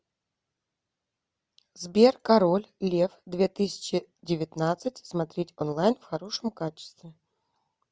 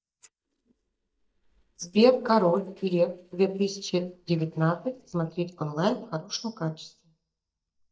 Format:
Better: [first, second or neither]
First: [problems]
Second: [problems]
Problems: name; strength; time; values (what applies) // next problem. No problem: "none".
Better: first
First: none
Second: noise reduction (neural mask model DeepFilterNet 3)